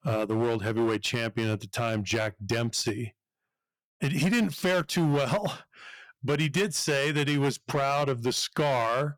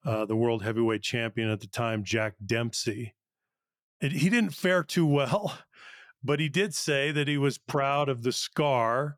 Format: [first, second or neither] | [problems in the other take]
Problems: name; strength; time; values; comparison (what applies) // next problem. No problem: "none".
second | distortion; slight; 11% of the sound clipped